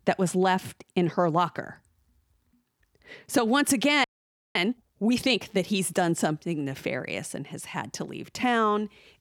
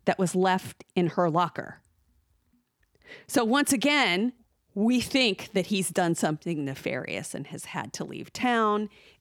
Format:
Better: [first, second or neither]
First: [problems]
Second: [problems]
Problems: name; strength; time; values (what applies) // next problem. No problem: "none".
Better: second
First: audio freezing; at 4 s for 0.5 s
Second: none